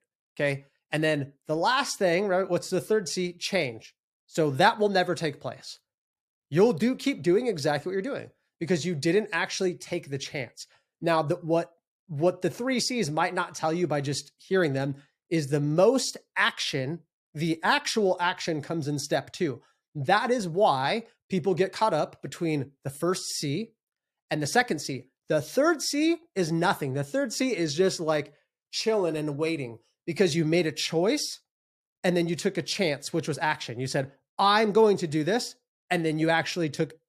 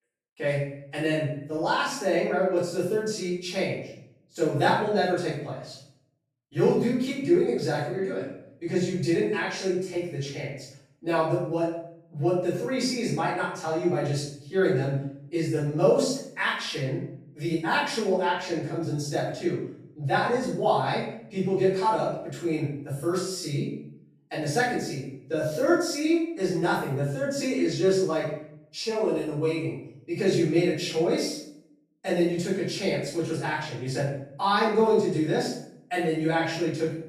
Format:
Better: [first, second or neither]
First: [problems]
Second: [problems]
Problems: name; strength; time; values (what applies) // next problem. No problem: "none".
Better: first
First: none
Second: room echo; noticeable; dies away in 0.6 s // off-mic speech; far